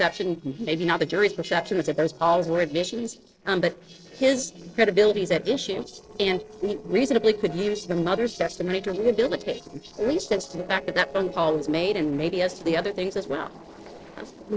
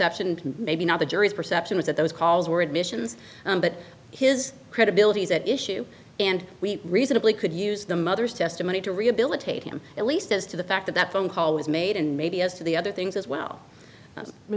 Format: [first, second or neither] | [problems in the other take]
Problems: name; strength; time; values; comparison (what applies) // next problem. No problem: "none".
second | noise reduction (neural separator model SepFormer DNS4)